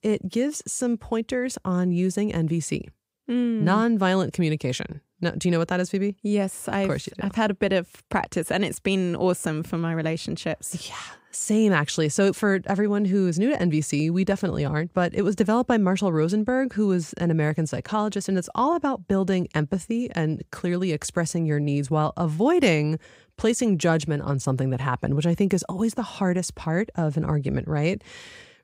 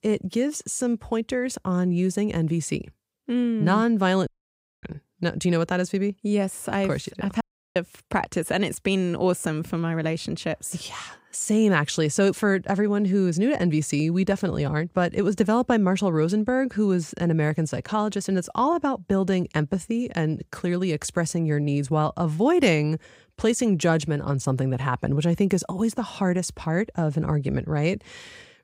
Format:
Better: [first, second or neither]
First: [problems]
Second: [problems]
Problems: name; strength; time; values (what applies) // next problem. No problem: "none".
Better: first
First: none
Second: audio cutting out; at 4.5 s for 0.5 s and at 7.5 s